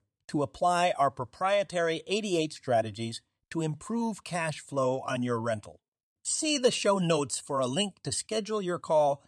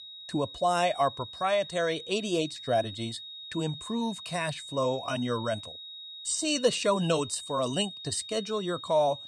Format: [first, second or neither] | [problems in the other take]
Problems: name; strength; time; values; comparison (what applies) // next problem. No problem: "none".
first | high-pitched whine; noticeable; throughout; 4 kHz, 10 dB below the speech